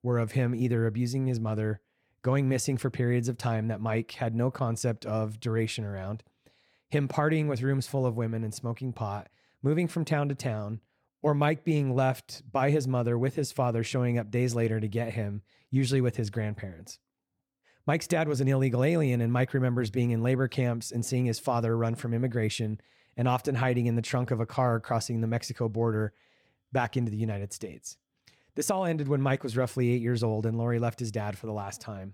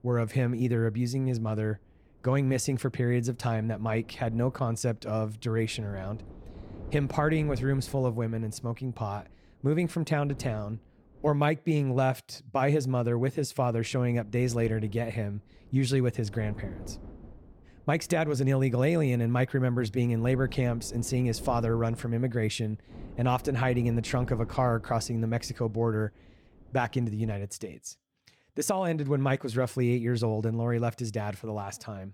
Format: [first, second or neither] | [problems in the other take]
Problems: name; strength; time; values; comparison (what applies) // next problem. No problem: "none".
first | wind noise on the microphone; occasional gusts; until 11 s and from 14 to 27 s; 20 dB below the speech